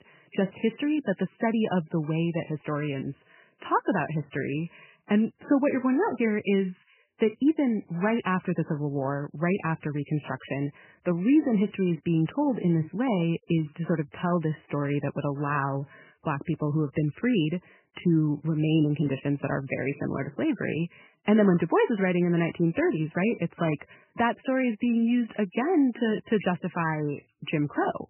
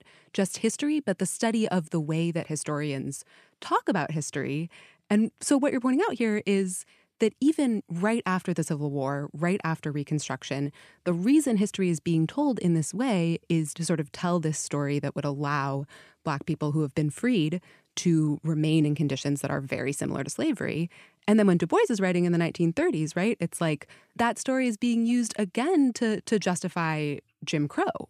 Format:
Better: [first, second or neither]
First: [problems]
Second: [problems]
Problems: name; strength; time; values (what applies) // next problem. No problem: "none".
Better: second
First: garbled, watery; badly; nothing above 3 kHz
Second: none